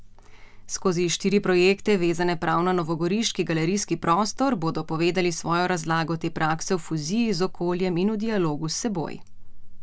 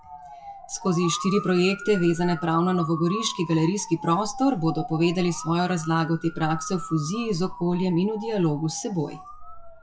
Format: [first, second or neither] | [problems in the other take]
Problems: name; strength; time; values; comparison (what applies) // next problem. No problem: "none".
first | noise reduction (classical method WPE with log-MMSE)